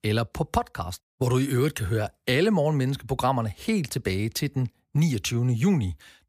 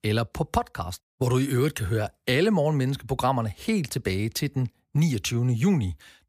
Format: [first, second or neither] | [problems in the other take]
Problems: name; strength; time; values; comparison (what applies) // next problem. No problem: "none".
neither | none